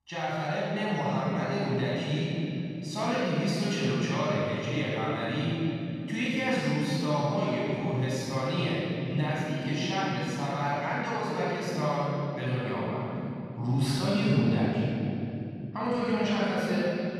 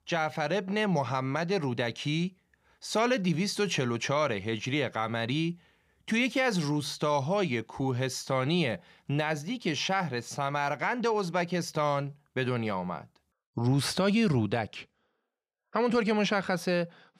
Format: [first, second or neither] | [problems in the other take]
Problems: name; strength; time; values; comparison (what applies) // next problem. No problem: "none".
second | room echo; strong; dies away in 3 s // off-mic speech; far